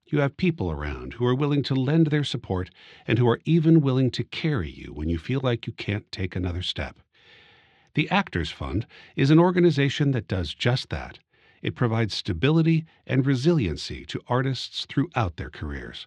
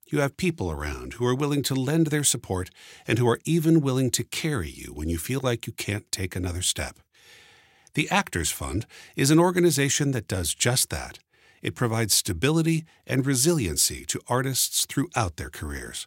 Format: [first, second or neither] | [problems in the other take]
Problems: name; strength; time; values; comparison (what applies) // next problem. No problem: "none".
second | muffled; slightly; fading above 3.5 kHz